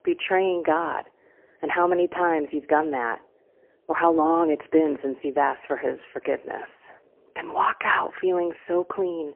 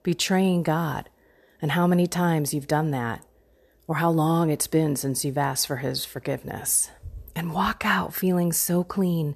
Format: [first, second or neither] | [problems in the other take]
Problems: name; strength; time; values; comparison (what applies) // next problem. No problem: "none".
second | phone-call audio; poor line; nothing above 3 kHz